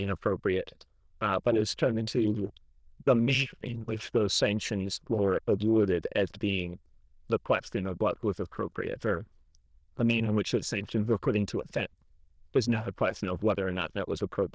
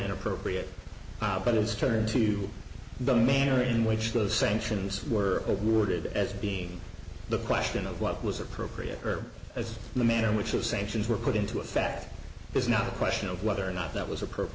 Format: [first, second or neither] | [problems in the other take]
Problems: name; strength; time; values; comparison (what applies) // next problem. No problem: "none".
second | noise reduction (neural diffusion model UNIVERSE++)